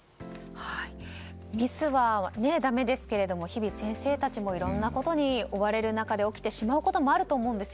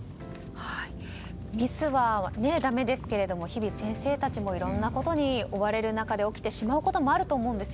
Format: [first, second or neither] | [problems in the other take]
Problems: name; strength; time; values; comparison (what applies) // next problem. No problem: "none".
first | background sound (Vehicle); 11 dB below the speech